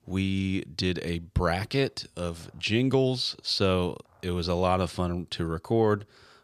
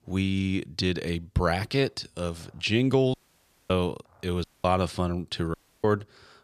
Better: first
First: none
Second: audio cutting out; at 3 s for 0.5 s, at 4.5 s and at 5.5 s

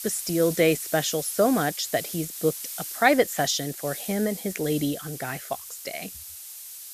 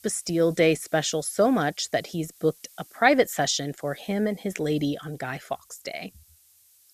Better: second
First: hiss; loud; throughout; 9 dB below the speech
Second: hiss; faint; throughout; 25 dB below the speech

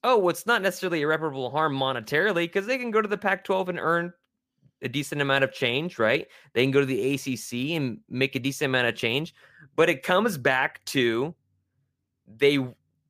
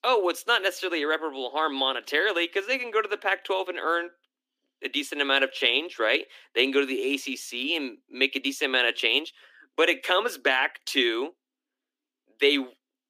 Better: first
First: none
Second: thin; very slightly; fading below 250 Hz

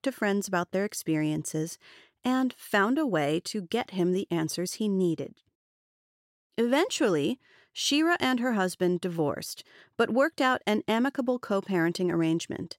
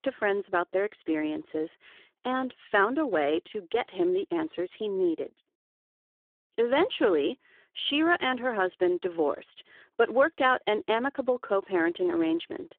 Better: first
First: none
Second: phone-call audio; poor line; nothing above 3 kHz

